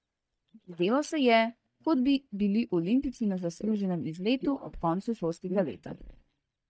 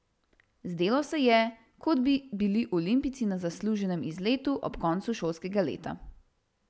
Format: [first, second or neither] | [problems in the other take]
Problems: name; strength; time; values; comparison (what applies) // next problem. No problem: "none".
second | noise reduction (neural mask model DeepFilterNet 3)